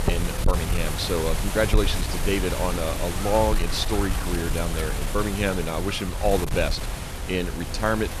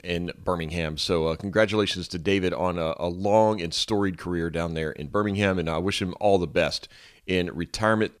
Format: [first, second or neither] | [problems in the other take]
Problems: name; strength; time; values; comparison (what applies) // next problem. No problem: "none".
second | wind noise on the microphone; heavy; 5 dB below the speech